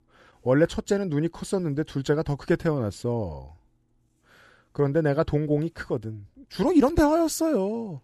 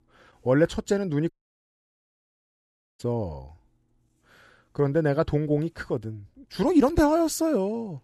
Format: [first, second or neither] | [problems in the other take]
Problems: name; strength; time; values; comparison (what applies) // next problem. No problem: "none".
first | audio cutting out; at 1.5 s for 1.5 s